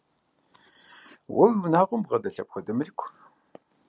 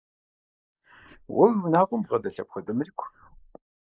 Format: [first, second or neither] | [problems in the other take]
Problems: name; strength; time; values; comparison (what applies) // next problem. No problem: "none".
first | noise reduction (neural mask model Resemble Enhance denoiser)